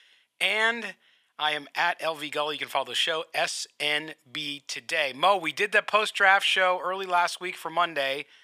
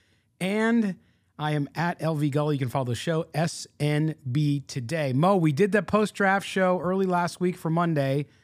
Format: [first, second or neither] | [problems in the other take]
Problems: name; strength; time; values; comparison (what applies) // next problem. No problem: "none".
second | thin; very; fading below 800 Hz